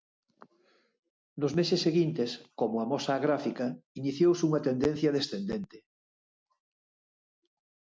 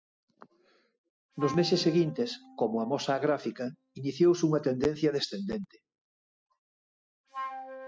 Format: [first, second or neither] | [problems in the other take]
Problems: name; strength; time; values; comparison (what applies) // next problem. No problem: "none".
first | noise reduction (classical method spectral subtraction)